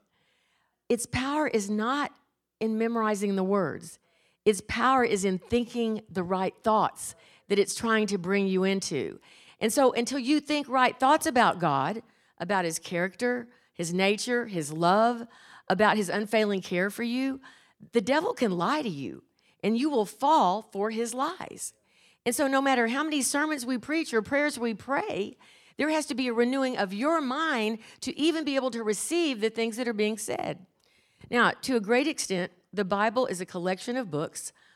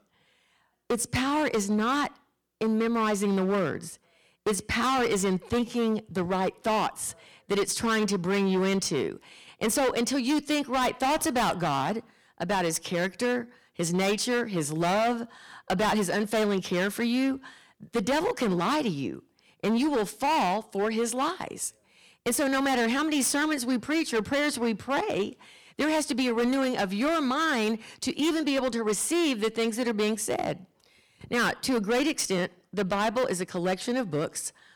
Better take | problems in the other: first | distortion; heavy; 16% of the sound clipped

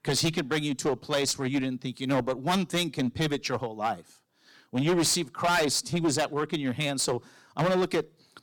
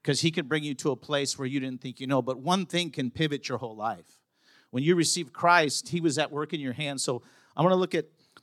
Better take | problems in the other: second | distortion; heavy; 10% of the sound clipped

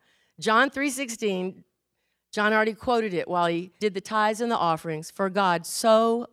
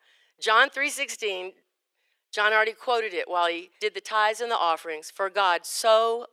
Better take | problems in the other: first | thin; very; fading below 400 Hz

